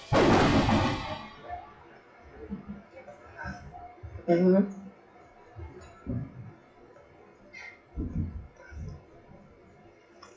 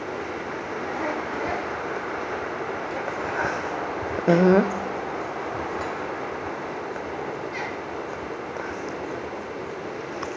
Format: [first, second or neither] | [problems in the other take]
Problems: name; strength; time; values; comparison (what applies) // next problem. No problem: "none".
second | noise reduction (classical method WPE with log-MMSE)